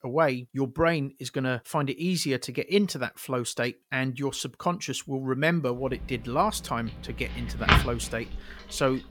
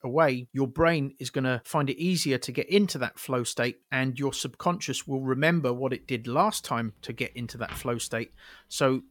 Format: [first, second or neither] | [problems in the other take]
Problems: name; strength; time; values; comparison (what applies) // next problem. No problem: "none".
second | household noises; loud; from 6 s on; 2 dB below the speech; faint in the second